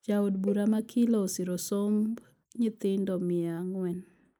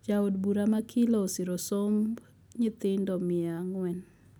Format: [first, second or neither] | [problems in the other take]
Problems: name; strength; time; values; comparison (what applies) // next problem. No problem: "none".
second | noise reduction (neural mask model Resemble Enhance denoiser)